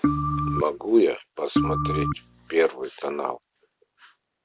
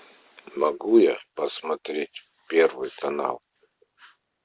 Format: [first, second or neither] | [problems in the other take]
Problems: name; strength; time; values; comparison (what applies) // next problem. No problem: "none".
second | background sound (Organ); 1 dB above the speech